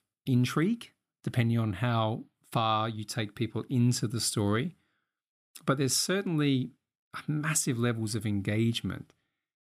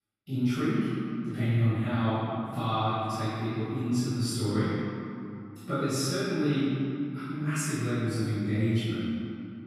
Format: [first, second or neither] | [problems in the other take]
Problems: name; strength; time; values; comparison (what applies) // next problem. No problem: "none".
first | off-mic speech; far // room echo; strong; dies away in 2.5 s